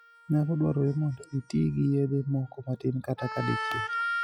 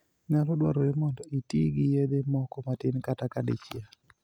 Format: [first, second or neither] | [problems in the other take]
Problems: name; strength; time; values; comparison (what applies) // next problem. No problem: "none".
second | noise reduction (classical method log-MMSE)